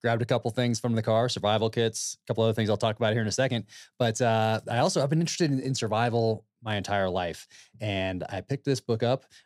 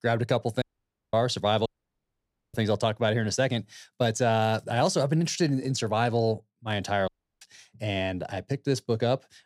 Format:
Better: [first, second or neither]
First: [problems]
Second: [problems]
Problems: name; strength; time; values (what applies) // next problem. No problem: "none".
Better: first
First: none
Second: audio cutting out; at 0.5 s for 0.5 s, at 1.5 s for 1 s and at 7 s